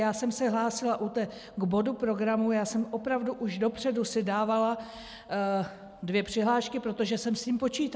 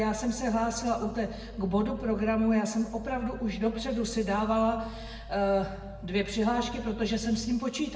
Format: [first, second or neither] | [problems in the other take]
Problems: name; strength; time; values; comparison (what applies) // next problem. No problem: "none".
first | background sound (Growling); 14 dB below the speech // room echo; dies away in 1 s